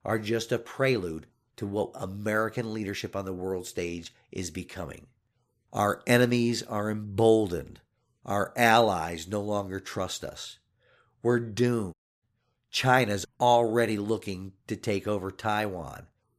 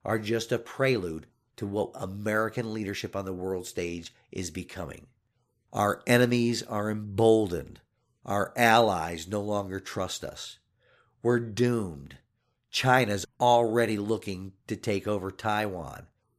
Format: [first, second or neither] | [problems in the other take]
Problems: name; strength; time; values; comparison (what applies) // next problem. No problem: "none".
second | audio cutting out; at 12 s